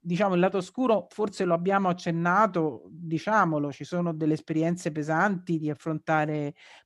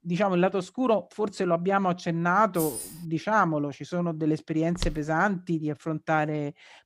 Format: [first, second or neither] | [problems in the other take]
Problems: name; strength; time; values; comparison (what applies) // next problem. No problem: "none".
first | jangling keys; noticeable; at 2.5 s; peak 7 dB below the speech // footsteps; noticeable; at 5 s; peak 9 dB below the speech